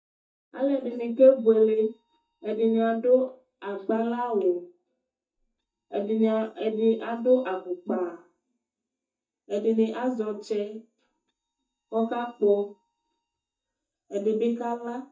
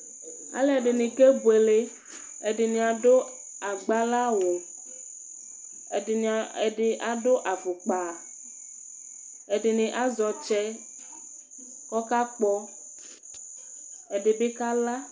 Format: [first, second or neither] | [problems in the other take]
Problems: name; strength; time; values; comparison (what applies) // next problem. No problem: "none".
second | noise reduction (neural mask model DeepFilterNet 3)